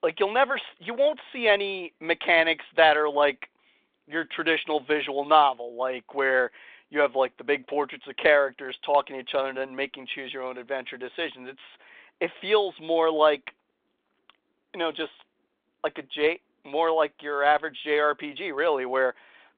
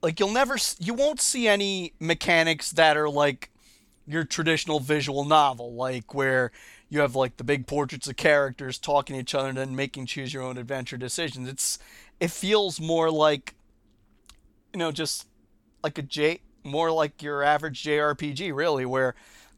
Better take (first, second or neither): second